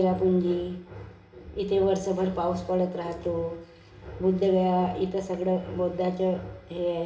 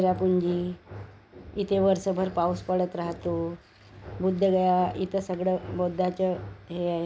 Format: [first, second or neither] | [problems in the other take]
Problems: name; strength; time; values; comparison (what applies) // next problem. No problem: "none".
second | room echo; dies away in 0.7 s